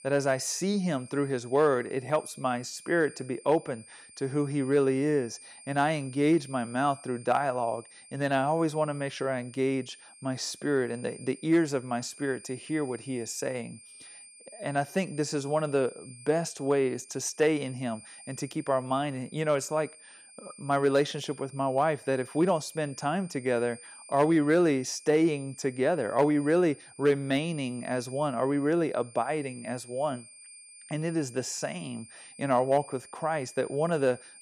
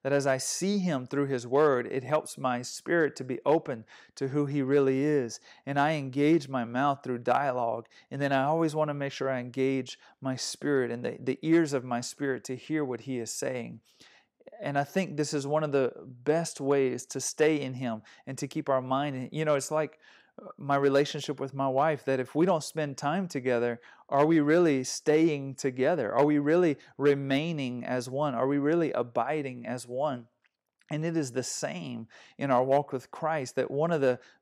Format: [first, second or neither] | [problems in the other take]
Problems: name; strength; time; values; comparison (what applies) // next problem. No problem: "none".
second | high-pitched whine; noticeable; throughout; 9 kHz, 20 dB below the speech